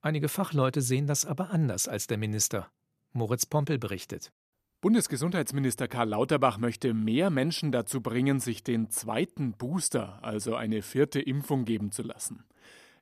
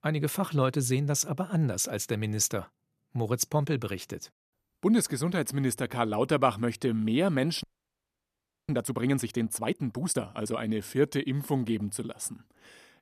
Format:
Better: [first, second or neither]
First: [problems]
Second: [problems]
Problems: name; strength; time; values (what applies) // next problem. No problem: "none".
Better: first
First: none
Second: audio freezing; at 7.5 s for 1 s